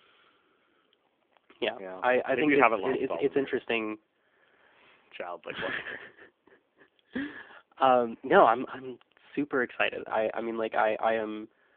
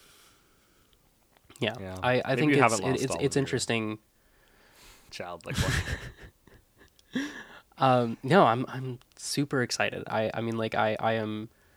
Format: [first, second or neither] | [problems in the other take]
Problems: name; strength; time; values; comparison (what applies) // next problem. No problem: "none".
second | phone-call audio